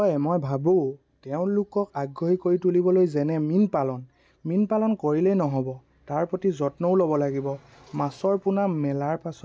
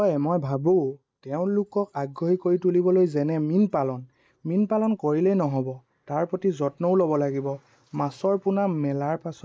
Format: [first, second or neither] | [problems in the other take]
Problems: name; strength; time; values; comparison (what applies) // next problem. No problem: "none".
first | noise reduction (neural mask model Resemble Enhance denoiser)